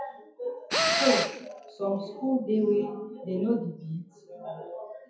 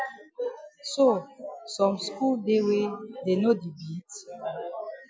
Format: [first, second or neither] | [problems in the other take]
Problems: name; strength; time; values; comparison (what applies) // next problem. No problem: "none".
second | background sound (Tools); 1 dB above the speech // room echo; dies away in 0.5 s